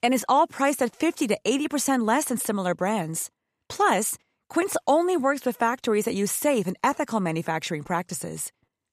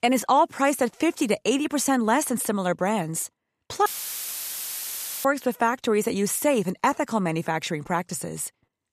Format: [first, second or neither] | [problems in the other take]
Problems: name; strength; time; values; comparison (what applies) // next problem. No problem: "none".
first | audio cutting out; filled with static; at 4 s for 1.5 s